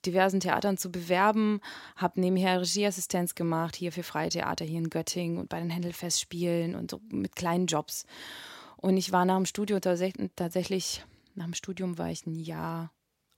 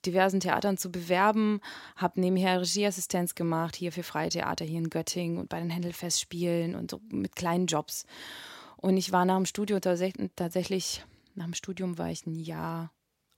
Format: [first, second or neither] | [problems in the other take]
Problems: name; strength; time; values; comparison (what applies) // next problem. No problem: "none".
neither | none